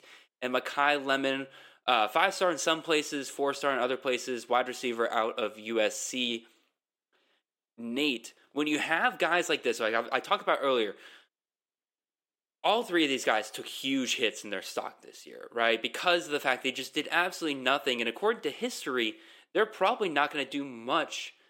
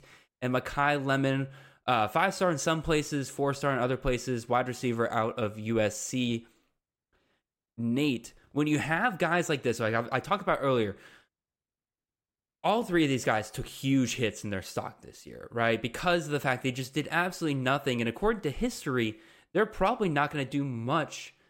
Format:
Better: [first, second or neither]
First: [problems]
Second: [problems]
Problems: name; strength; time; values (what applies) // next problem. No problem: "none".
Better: second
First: thin; very slightly; fading below 300 Hz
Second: none